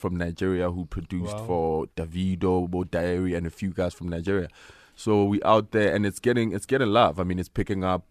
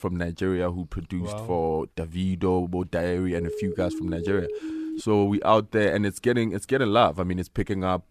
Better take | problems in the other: first | siren; noticeable; from 3.5 to 5 s; peak 7 dB below the speech

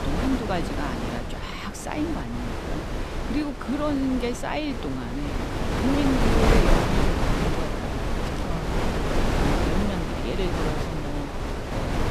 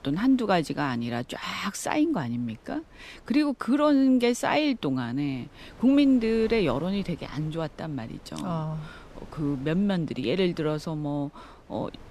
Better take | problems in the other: second | wind noise on the microphone; heavy; 3 dB above the speech; occasional gusts in the second

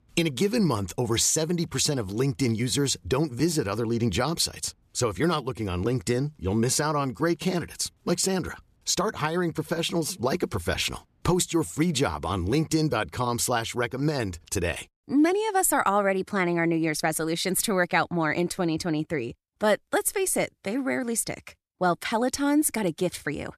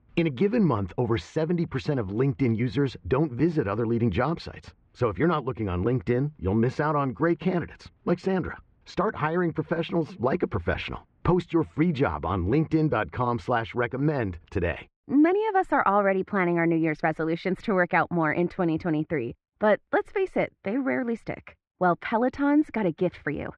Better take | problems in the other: first | muffled; very; fading above 2 kHz

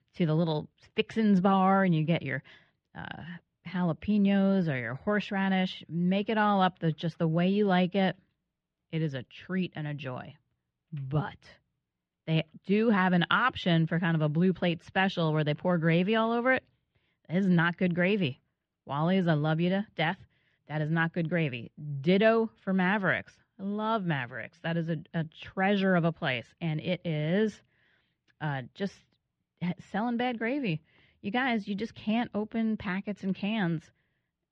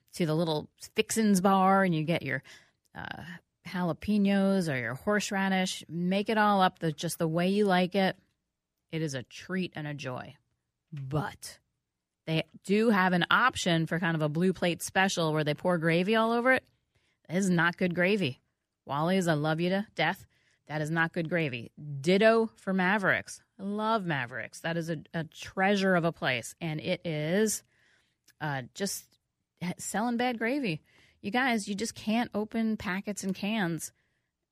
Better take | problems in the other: second | muffled; slightly; fading above 3.5 kHz

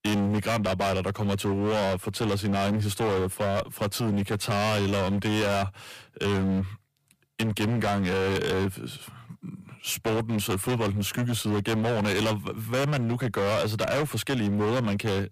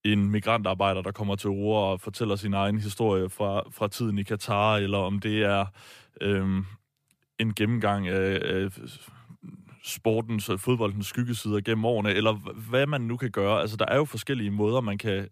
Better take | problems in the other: second | distortion; heavy; 29% of the sound clipped

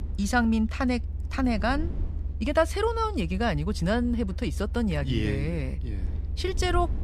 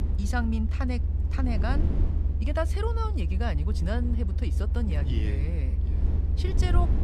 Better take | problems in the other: first | low rumble; loud; throughout; 8 dB below the speech; faint in the first

